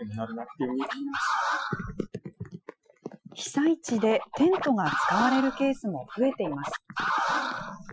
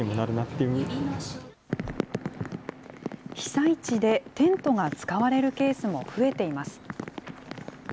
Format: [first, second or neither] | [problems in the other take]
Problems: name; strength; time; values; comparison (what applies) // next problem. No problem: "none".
second | noise reduction (classical method Wiener filter)